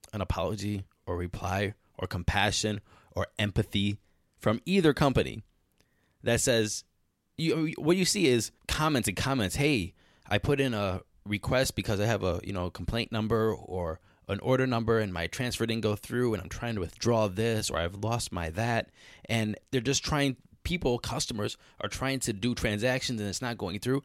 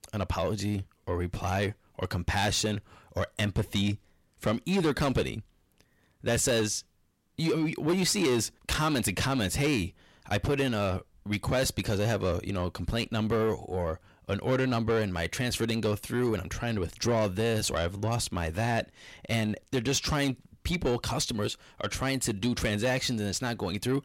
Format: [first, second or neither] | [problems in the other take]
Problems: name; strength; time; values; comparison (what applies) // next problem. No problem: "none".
first | distortion; slight; 10 dB below the speech